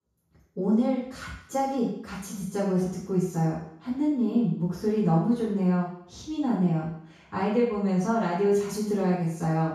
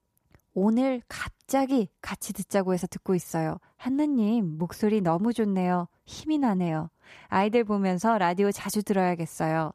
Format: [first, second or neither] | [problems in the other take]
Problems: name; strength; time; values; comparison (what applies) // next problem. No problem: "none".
second | room echo; noticeable; dies away in 0.6 s // off-mic speech; far